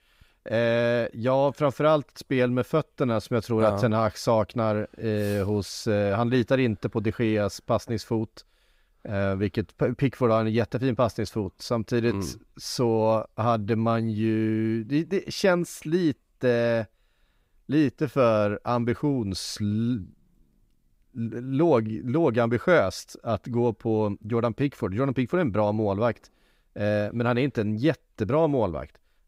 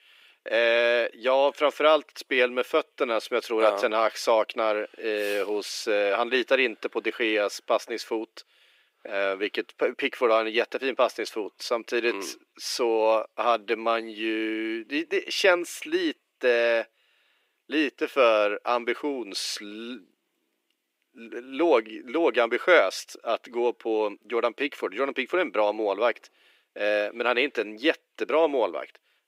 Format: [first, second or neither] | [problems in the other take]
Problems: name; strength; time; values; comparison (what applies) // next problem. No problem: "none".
first | thin; very; fading below 350 Hz